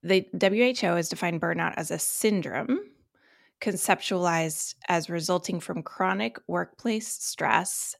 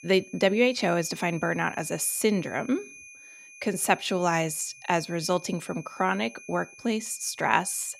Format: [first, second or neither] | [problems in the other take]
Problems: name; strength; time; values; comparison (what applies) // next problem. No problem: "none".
first | high-pitched whine; noticeable; throughout; 2.5 kHz, 20 dB below the speech